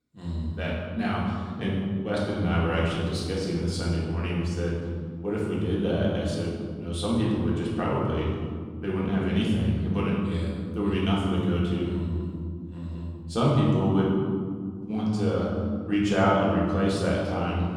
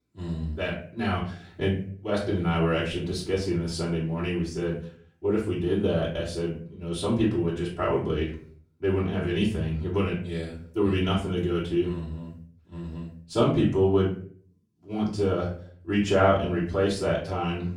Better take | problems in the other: second | room echo; strong; dies away in 2.3 s; slight in the second // off-mic speech; far; far in the second

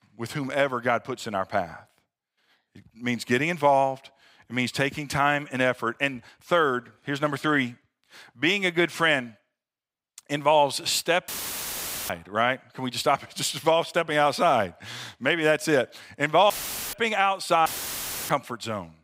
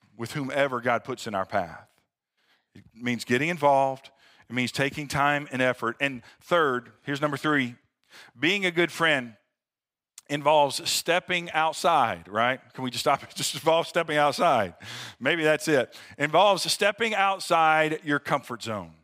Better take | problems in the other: second | audio cutting out; filled with static; at 11 s for 1 s, at 17 s and at 18 s for 0.5 s

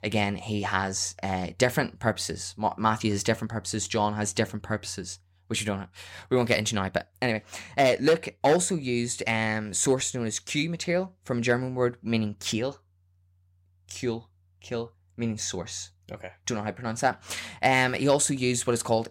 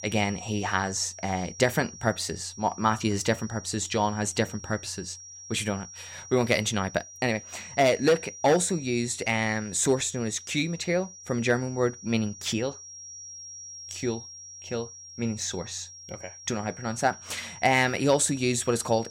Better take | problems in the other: first | high-pitched whine; noticeable; throughout; 5.5 kHz, 15 dB below the speech

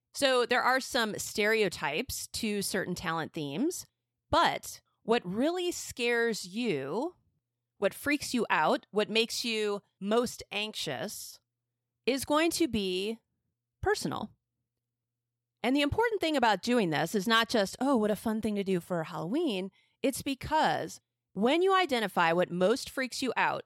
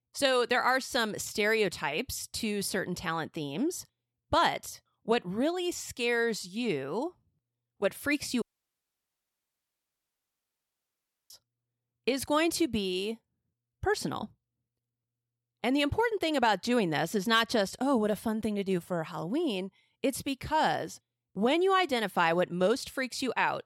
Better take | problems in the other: first | audio cutting out; at 8.5 s for 3 s

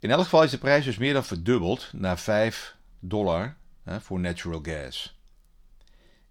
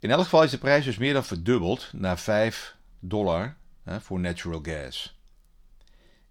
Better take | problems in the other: neither | none

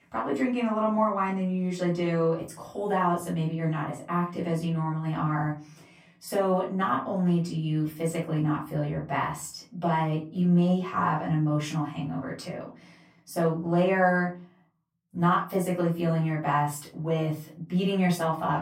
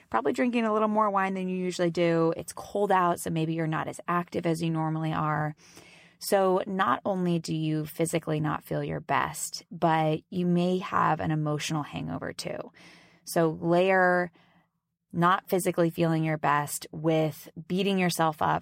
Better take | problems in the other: second | off-mic speech; far // room echo; slight; dies away in 0.3 s

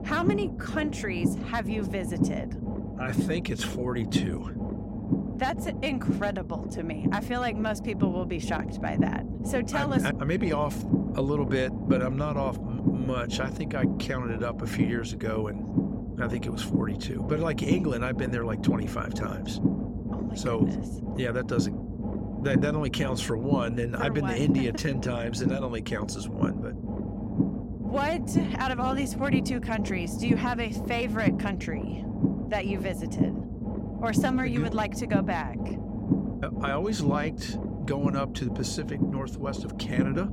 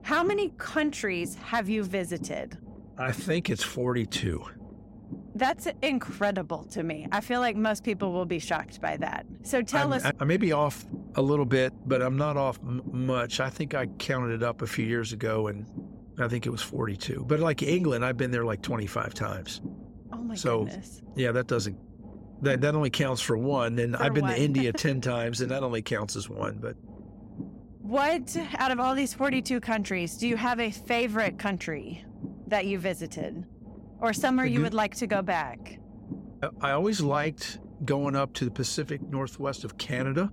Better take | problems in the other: second | low rumble; loud; throughout; 5 dB below the speech; faint in the second

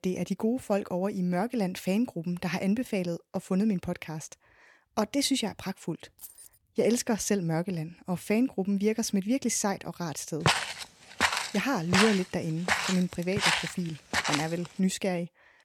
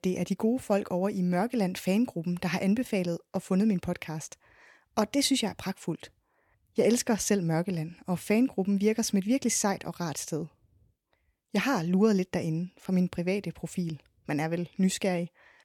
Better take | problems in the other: second | jangling keys; faint; at 6 s; peak 15 dB below the speech // footsteps; loud; from 10 to 14 s; peak 4 dB above the speech

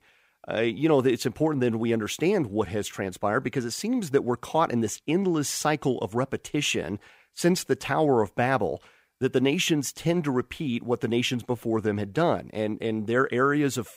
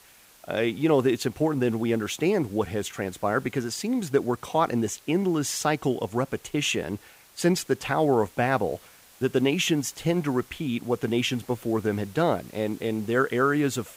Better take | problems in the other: first | hiss; faint; throughout; 25 dB below the speech

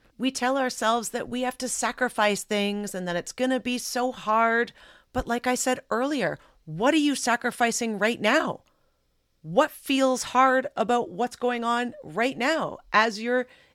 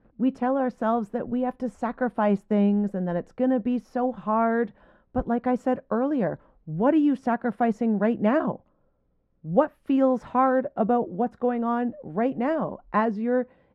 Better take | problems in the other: first | muffled; very; fading above 2.5 kHz

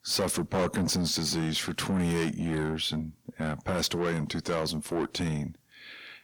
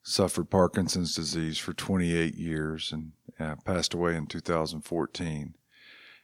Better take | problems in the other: second | distortion; heavy; 6 dB below the speech

